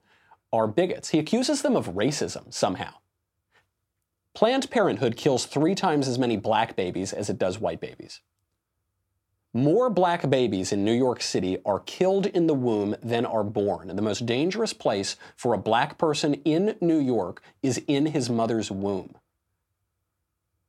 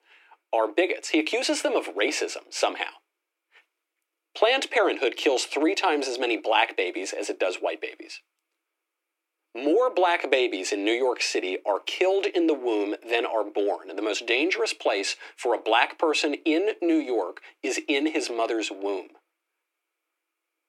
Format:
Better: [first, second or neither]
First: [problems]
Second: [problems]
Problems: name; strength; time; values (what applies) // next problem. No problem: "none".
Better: first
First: none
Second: thin; somewhat; fading below 300 Hz